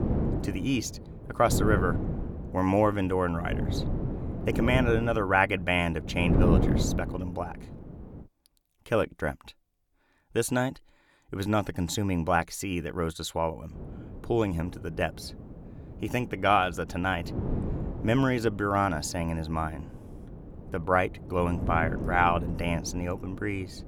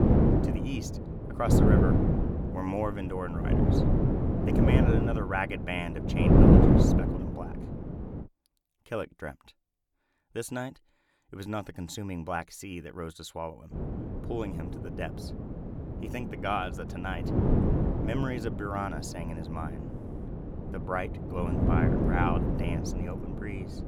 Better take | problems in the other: first | wind noise on the microphone; heavy; until 8 s and from 14 s on; 3 dB above the speech; occasional gusts in the first

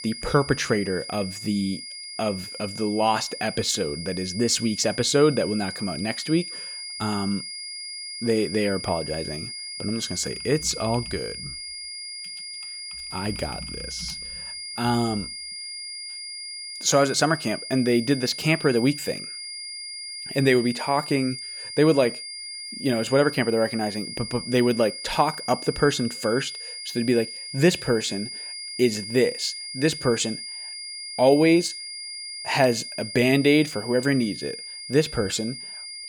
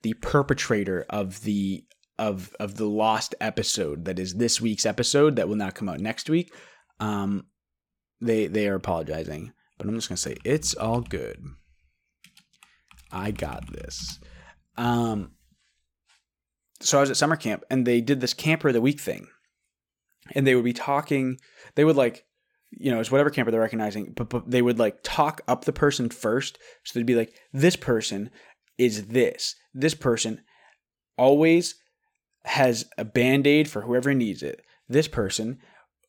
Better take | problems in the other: second | high-pitched whine; loud; throughout; 5 kHz, 9 dB below the speech

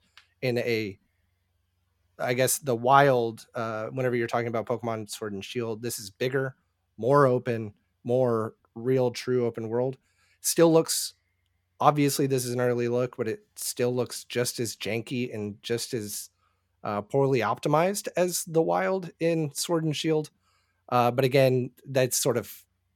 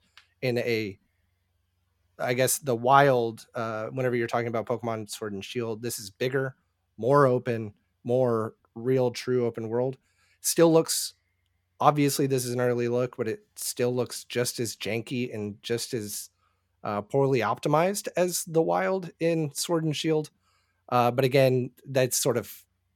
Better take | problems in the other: neither | none

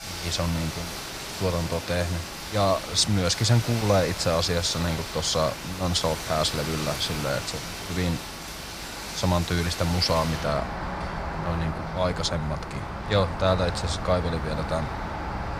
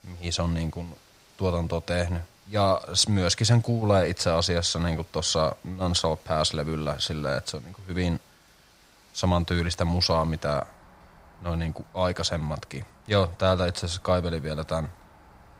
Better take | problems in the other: second | rain or running water; loud; throughout; 7 dB below the speech; faint in the second

